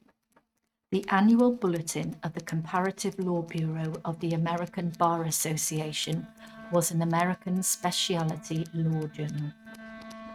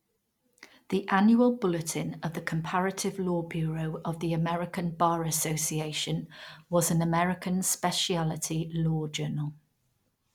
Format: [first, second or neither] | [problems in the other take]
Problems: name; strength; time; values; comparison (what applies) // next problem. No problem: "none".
second | noise reduction (neural mask model RNNoise)